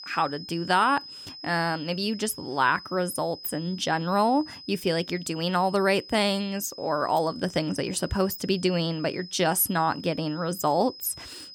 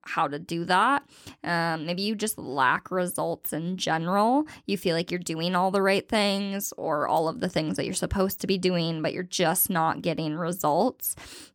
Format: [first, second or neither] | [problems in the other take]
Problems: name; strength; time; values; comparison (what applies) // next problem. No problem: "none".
second | high-pitched whine; noticeable; throughout; 5 kHz, 15 dB below the speech